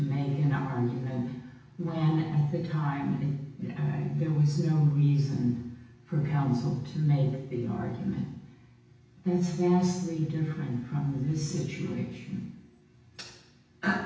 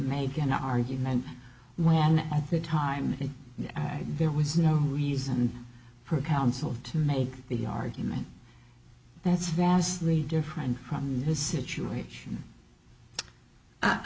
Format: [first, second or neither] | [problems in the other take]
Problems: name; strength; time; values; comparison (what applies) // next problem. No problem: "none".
second | room echo; dies away in 0.9 s